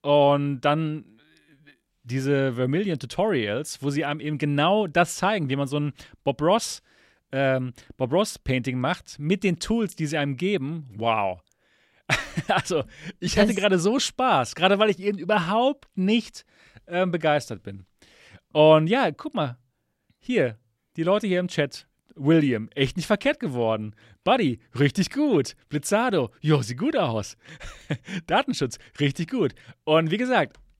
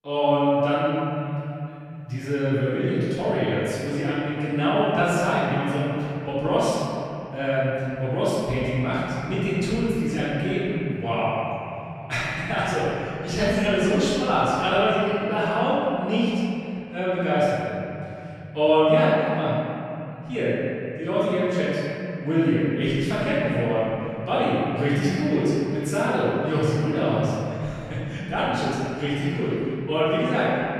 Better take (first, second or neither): first